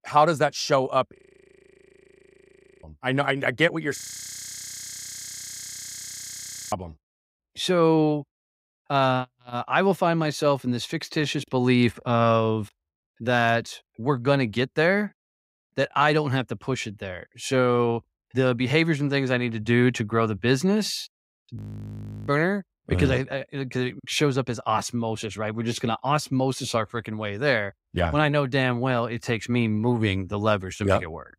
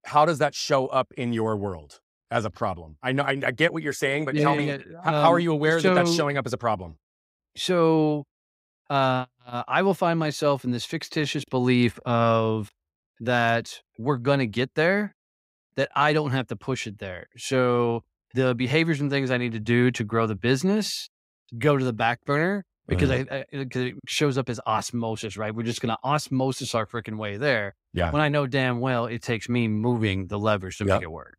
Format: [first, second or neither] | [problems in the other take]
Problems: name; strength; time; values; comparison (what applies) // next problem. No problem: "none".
second | audio freezing; at 1 s for 1.5 s, at 4 s for 2.5 s and at 22 s for 0.5 s